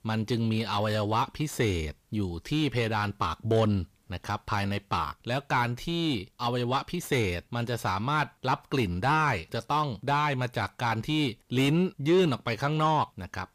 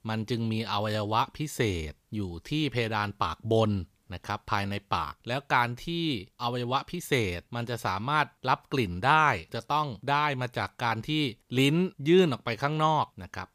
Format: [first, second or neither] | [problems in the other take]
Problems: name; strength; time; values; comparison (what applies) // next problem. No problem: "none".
second | distortion; slight; 10 dB below the speech